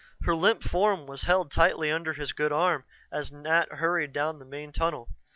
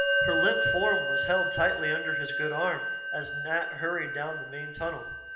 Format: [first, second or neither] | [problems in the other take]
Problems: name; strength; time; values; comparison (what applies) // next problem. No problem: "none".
first | background sound (Musical instrument); 2 dB above the speech // room echo; dies away in 1 s